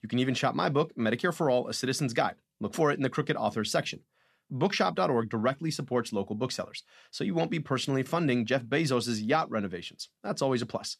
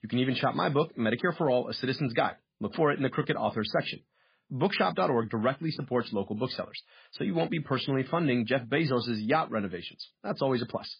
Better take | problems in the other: first | garbled, watery; badly; nothing above 5 kHz

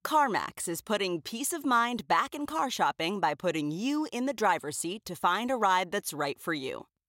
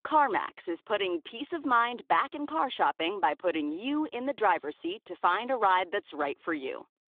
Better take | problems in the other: first | phone-call audio

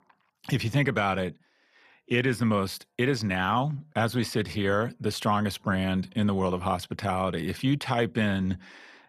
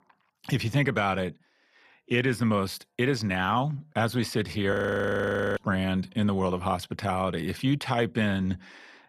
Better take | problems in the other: first | audio freezing; at 4.5 s for 1 s

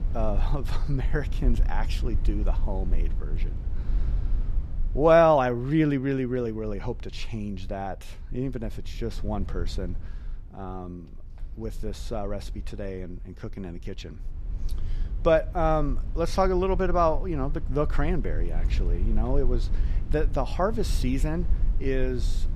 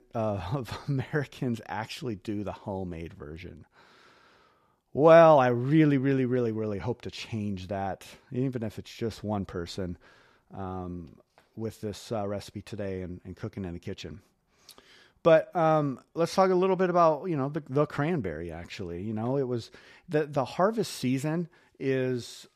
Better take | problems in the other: second | low rumble; faint; throughout; 25 dB below the speech

